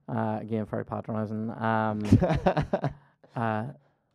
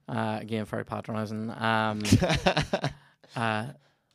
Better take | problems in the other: second | muffled; very; fading above 2 kHz

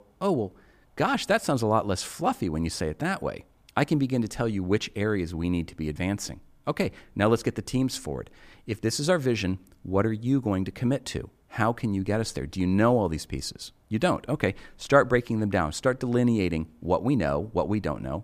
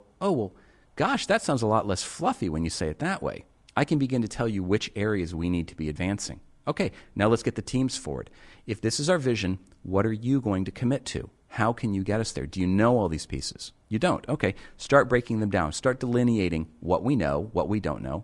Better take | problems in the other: first | garbled, watery; slightly

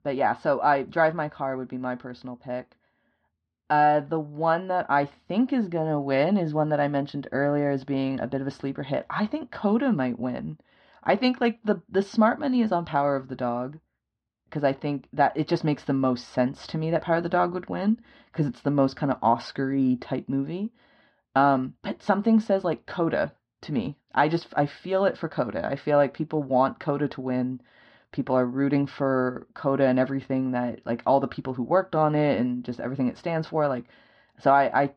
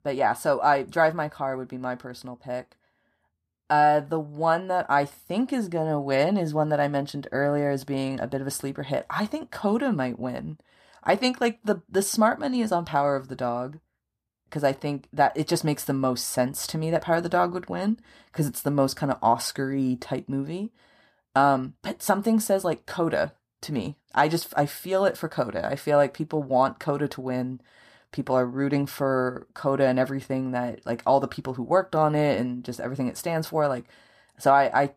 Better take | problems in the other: second | muffled; very slightly; fading above 4 kHz

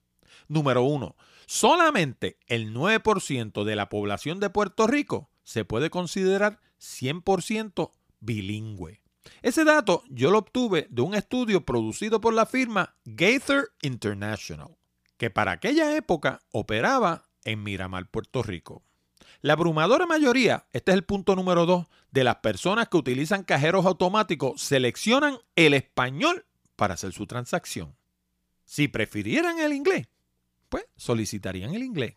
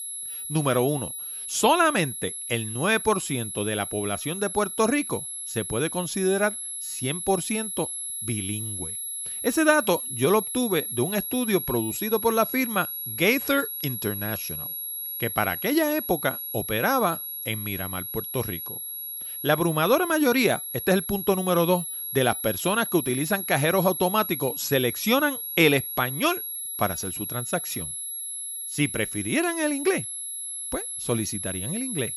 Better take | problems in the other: first | high-pitched whine; loud; throughout; 11 kHz, 5 dB below the speech

